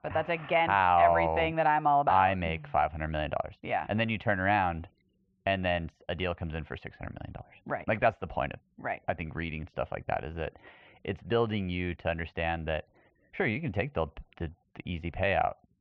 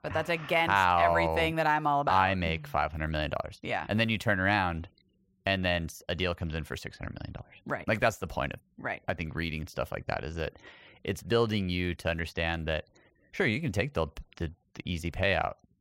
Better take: second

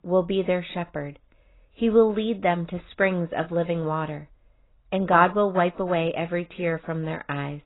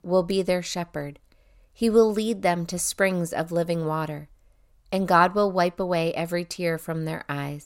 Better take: second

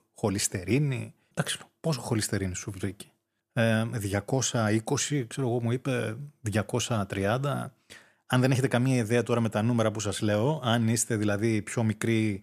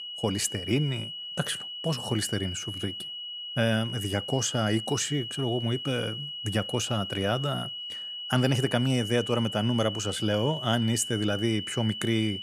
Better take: first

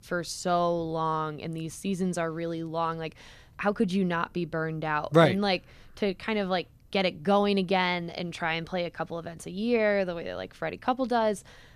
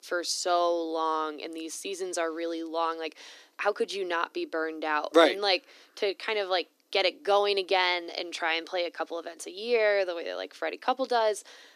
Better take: first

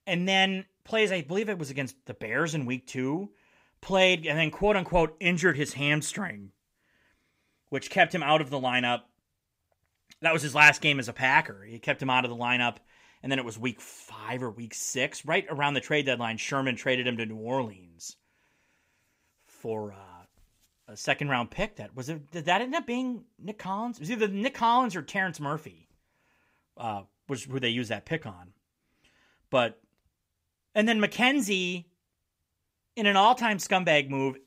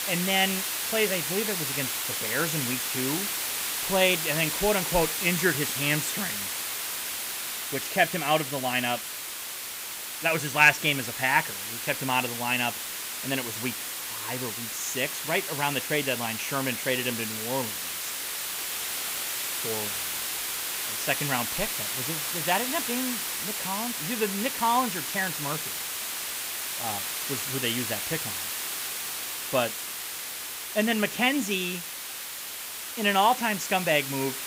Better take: first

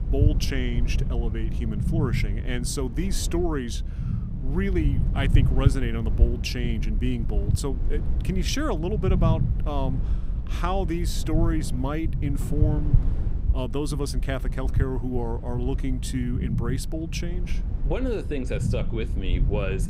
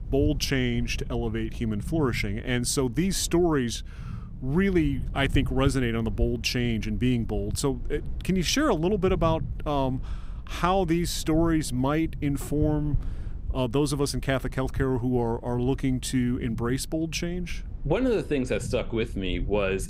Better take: second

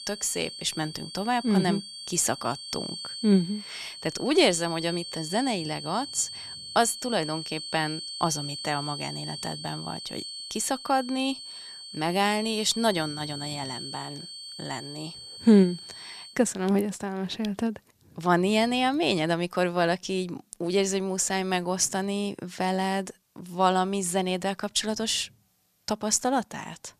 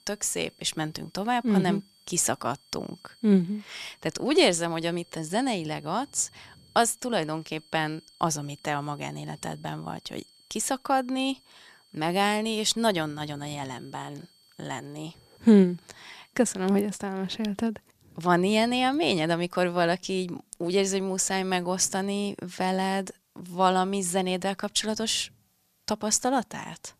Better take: second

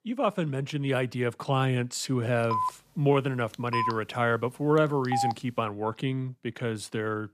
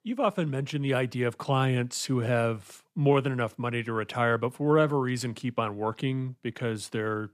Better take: second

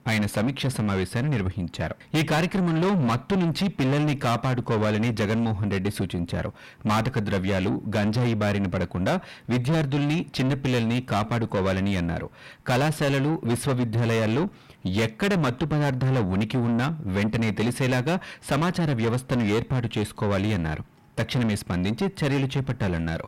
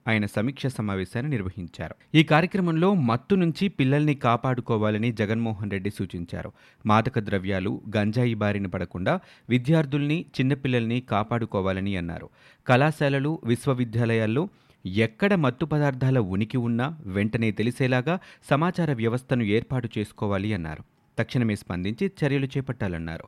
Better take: second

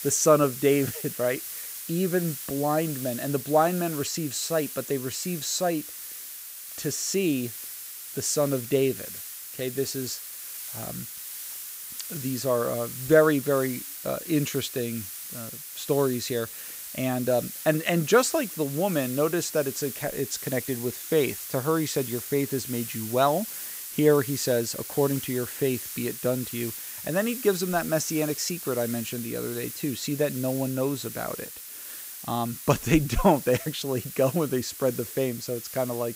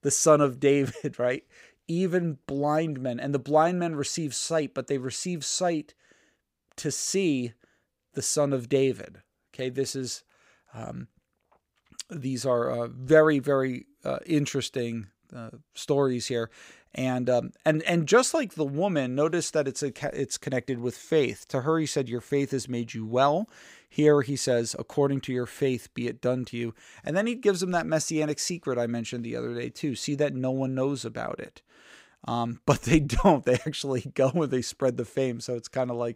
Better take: second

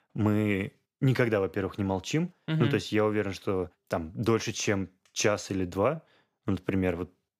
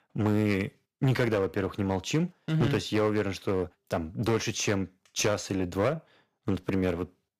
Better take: first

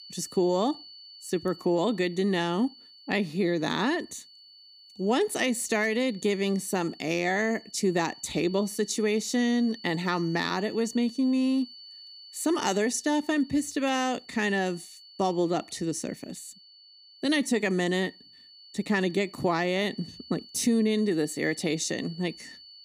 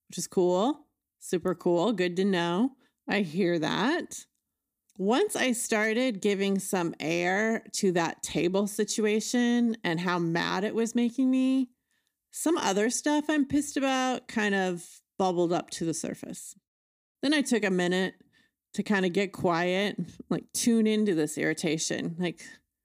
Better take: second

